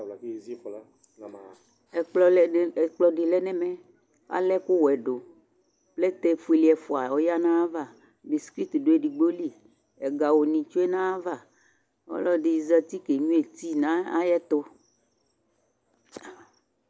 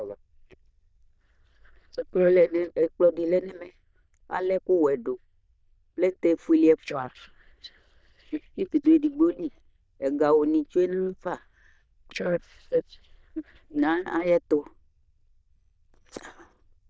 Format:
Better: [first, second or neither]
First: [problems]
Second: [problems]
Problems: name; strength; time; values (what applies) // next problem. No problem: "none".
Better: first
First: none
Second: noise reduction (neural diffusion model UNIVERSE++)